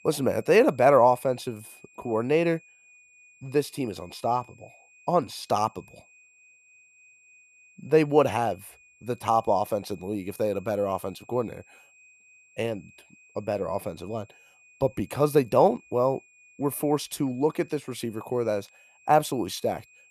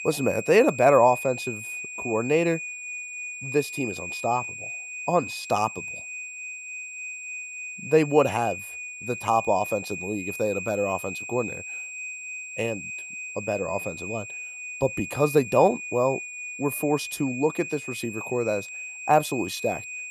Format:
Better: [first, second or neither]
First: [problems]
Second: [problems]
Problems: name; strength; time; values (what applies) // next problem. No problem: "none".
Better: first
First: high-pitched whine; faint; throughout; 2.5 kHz, 30 dB below the speech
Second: high-pitched whine; loud; throughout; 2.5 kHz, 8 dB below the speech